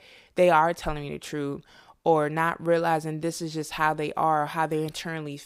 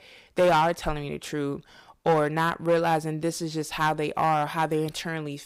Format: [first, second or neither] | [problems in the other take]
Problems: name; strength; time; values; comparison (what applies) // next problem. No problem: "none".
first | distortion; slight; 3% of the sound clipped